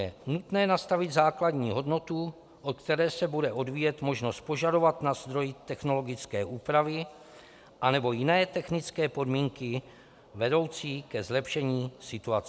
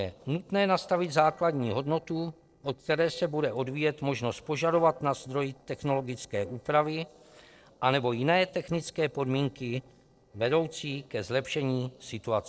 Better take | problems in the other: first | noise reduction (neural separator model SepFormer DNS4)

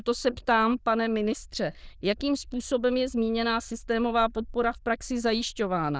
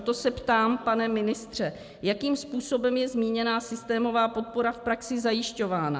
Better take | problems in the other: second | noise reduction (neural diffusion model UNIVERSE++)

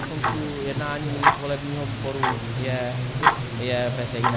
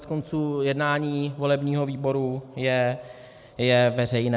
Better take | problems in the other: second | background sound (Tick-tock); 4 dB above the speech

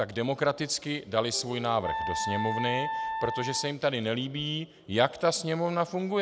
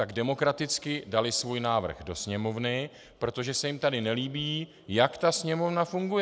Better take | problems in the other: second | background sound (Wind instrument, woodwind instrument); 5 dB below the speech

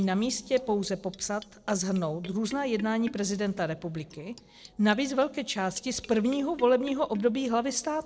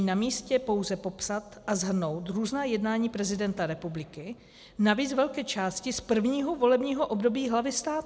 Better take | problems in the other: second | noise reduction (neural separator model SepFormer DNS4)

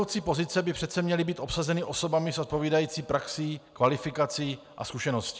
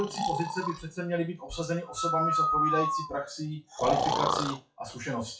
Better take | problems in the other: first | noise reduction (classical method WPE with log-MMSE)

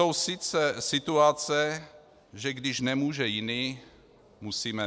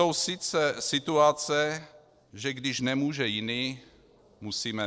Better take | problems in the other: first | noise reduction (neural separator model SepFormer DNS4)

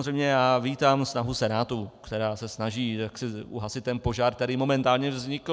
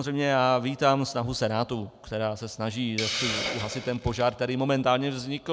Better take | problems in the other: first | background sound (Hiss); 11 dB below the speech

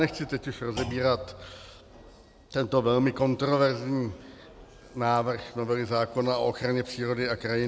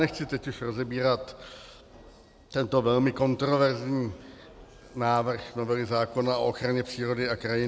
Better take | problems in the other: second | background sound (Thump, thud); 18 dB below the speech

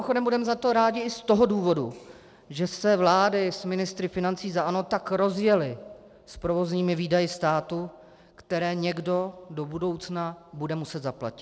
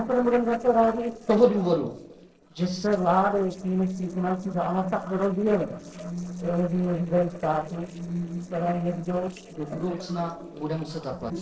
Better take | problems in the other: first | noise reduction (neural separator model SepFormer DNS4)

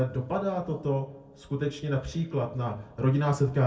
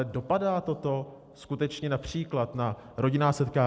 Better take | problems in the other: second | room echo; dies away in 0.3 s

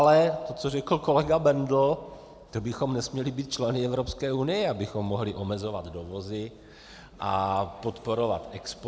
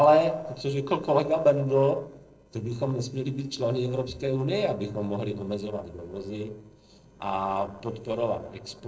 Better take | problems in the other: first | noise reduction (neural separator model SepFormer DNS4)

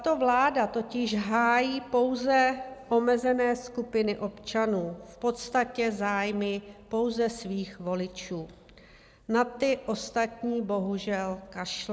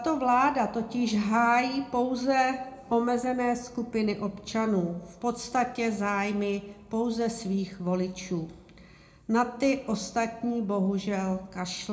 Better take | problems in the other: first | room echo; dies away in 0.4 s

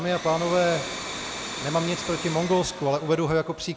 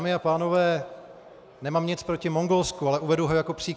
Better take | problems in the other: second | background sound (Domestic sounds, home sounds); 9 dB below the speech

